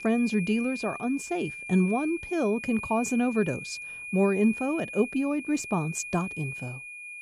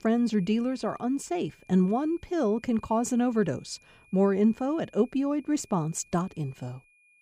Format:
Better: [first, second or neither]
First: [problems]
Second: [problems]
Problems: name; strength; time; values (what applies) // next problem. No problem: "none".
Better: second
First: high-pitched whine; loud; throughout; 2.5 kHz, 9 dB below the speech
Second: high-pitched whine; faint; throughout; 2.5 kHz, 30 dB below the speech